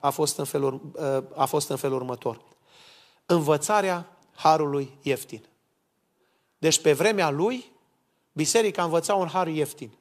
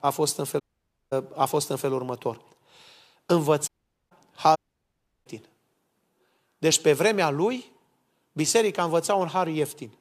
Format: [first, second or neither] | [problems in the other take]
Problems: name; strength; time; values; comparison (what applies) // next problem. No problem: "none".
first | audio cutting out; at 0.5 s for 0.5 s, at 3.5 s and at 4.5 s for 0.5 s